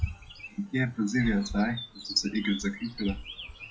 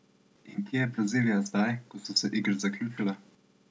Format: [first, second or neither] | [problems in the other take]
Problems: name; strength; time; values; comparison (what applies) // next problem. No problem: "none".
second | noise reduction (classical method log-MMSE)